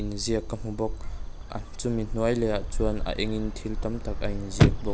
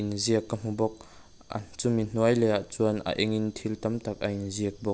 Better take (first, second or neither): second